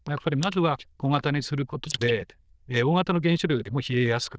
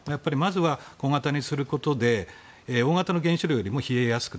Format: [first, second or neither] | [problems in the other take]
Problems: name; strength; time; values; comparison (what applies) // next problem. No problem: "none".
second | noise reduction (neural diffusion model UNIVERSE++)